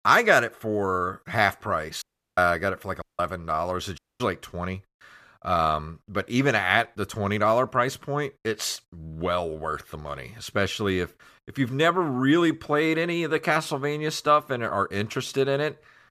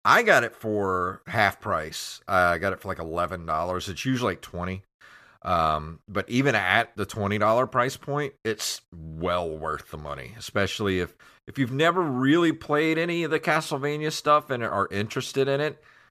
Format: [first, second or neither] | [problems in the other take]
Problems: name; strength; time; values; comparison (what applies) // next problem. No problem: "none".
second | audio cutting out; at 2 s, at 3 s and at 4 s